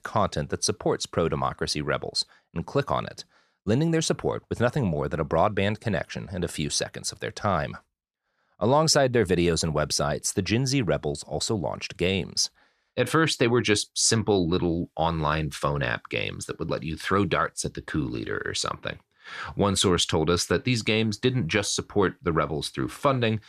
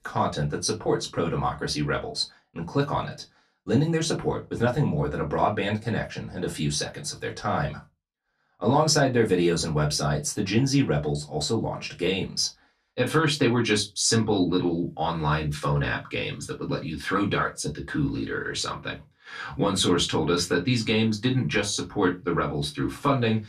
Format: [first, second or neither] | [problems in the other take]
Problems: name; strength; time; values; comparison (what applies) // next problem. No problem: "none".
first | off-mic speech; far // room echo; very slight; dies away in 0.2 s